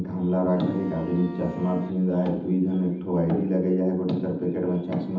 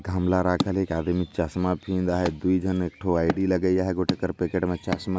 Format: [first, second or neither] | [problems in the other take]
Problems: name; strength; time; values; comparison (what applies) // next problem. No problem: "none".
second | background sound (Bowed string instrument); 15 dB below the speech // room echo; dies away in 0.8 s